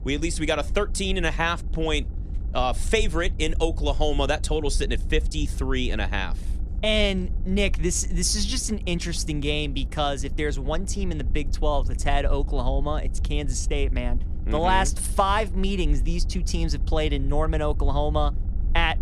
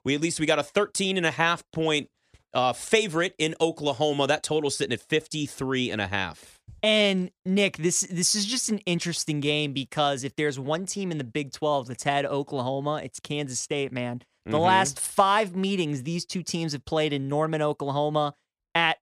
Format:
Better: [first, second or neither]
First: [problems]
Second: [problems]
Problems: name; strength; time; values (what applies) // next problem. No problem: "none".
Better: second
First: low rumble; faint; throughout; 20 dB below the speech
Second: none